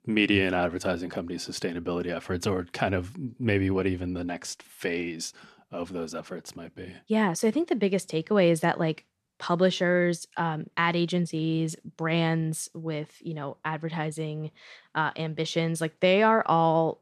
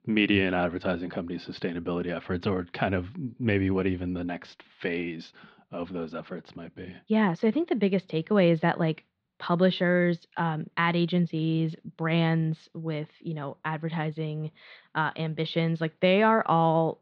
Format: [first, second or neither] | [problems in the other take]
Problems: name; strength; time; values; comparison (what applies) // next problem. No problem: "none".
first | muffled; slightly; fading above 4 kHz